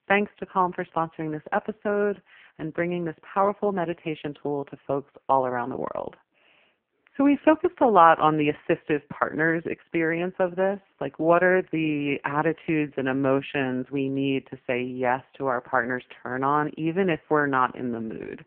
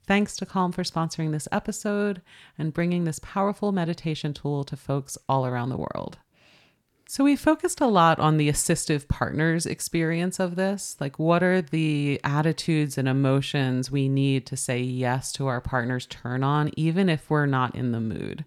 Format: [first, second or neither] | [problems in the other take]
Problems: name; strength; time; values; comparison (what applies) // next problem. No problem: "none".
second | phone-call audio; poor line